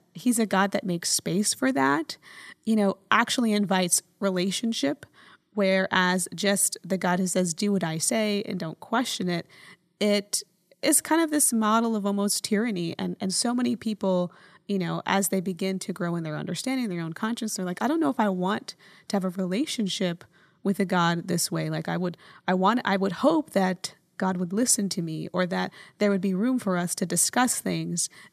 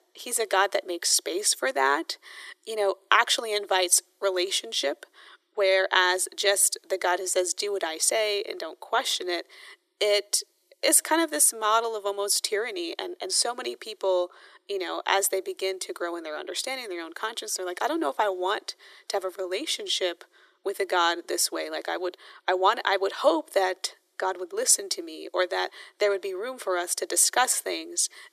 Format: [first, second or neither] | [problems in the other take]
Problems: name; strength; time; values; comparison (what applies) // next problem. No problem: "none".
first | thin; very; fading below 350 Hz